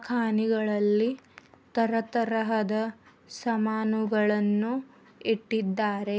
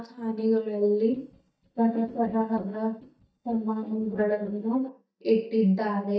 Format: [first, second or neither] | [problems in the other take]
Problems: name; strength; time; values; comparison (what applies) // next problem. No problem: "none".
first | noise reduction (neural mask model DeepFilterNet 3)